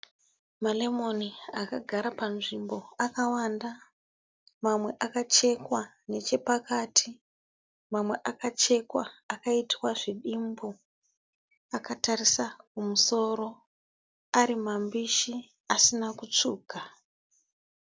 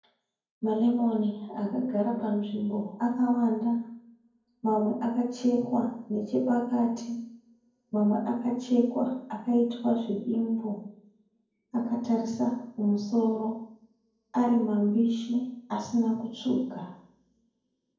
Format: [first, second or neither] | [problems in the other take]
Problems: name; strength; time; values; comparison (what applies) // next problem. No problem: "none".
first | room echo; dies away in 0.9 s